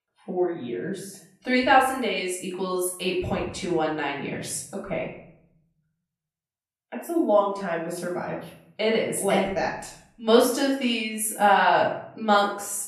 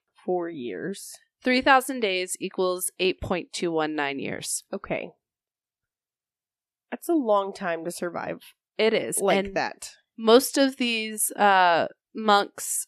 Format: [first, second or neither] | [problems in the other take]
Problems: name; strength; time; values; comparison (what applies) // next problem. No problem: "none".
second | off-mic speech; far // room echo; noticeable; dies away in 0.6 s